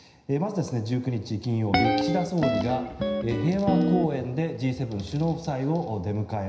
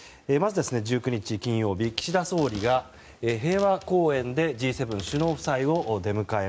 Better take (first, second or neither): second